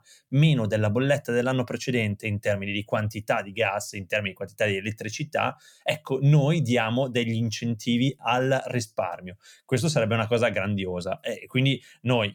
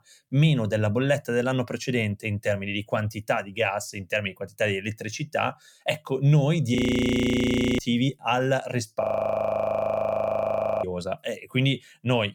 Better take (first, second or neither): first